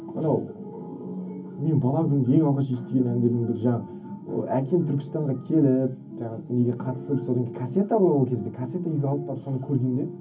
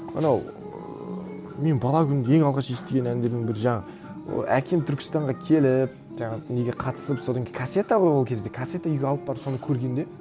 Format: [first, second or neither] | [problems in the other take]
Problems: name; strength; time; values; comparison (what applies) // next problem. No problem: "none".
second | room echo; dies away in 0.3 s